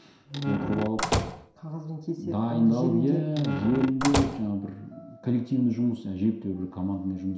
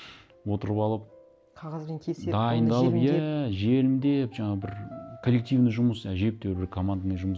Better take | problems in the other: second | background sound (Squeak / Slam / Wood); 4 dB below the speech // room echo; dies away in 0.7 s

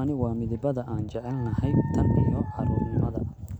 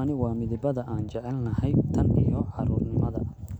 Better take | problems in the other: second | background sound (Dog); 18 dB below the speech

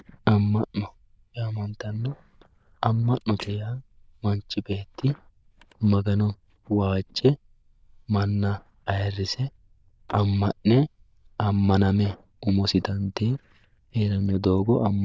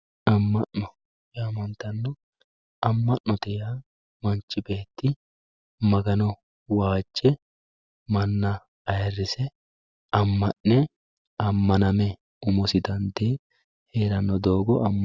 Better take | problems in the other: second | noise reduction (neural diffusion model UNIVERSE++)

